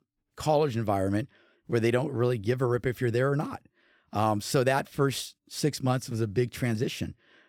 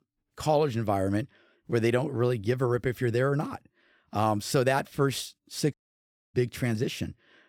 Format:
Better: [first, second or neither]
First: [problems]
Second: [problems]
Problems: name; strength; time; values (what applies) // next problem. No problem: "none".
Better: first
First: none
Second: audio cutting out; at 5.5 s for 0.5 s